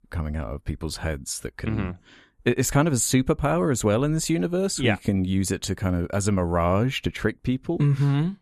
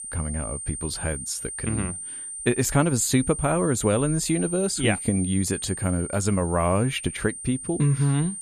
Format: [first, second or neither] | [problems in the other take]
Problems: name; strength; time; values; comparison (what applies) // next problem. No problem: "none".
first | high-pitched whine; loud; throughout; 9 kHz, 7 dB below the speech